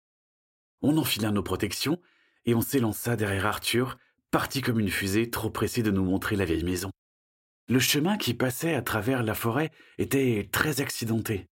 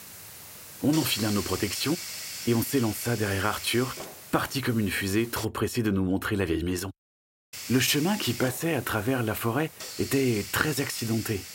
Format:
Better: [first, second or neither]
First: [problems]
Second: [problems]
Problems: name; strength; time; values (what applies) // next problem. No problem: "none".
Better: first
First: none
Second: hiss; loud; until 5.5 s and from 7.5 s on; 10 dB below the speech